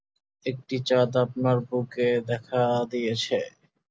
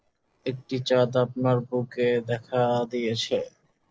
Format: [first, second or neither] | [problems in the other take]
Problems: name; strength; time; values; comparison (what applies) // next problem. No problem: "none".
first | noise reduction (neural separator model SepFormer DNS4)